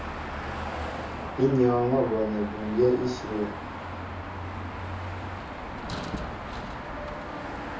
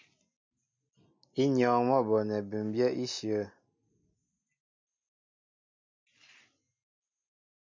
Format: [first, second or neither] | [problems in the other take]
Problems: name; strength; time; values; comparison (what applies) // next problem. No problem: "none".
second | background sound (Car passing by / Traffic noise, roadway noise / Engine); 5 dB below the speech // room echo; dies away in 0.6 s